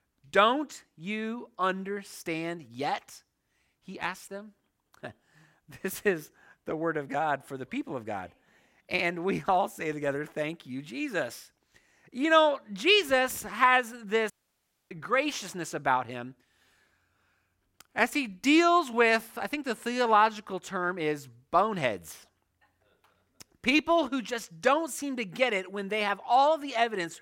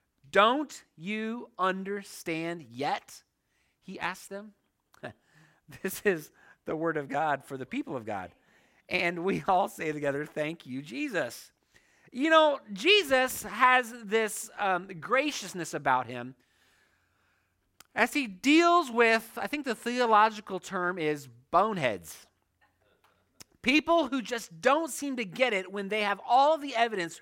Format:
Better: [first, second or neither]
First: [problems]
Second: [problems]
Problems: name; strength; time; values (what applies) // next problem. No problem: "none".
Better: second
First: audio cutting out; at 14 s for 0.5 s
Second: none